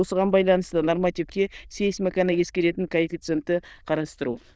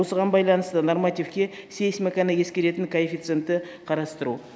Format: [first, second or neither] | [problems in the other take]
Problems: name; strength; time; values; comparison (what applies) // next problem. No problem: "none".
second | noise reduction (neural diffusion model UNIVERSE++)